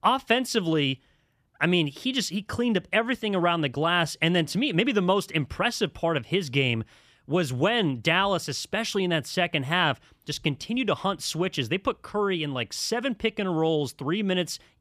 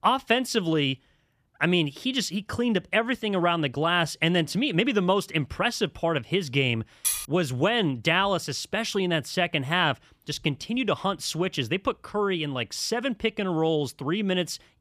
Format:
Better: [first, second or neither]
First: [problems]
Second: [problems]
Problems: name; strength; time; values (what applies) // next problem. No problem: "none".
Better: first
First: none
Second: clattering dishes; noticeable; at 7 s; peak 1 dB below the speech